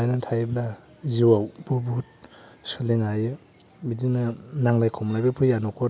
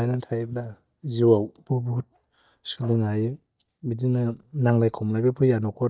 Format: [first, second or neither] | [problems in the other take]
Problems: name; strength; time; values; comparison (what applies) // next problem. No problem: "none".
first | noise reduction (neural mask model DeepFilterNet 3)